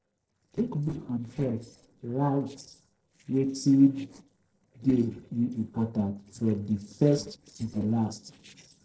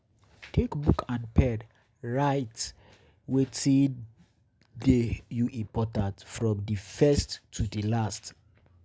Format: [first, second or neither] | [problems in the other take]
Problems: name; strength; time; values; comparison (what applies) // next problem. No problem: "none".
second | noise reduction (neural separator model SepFormer DNS4)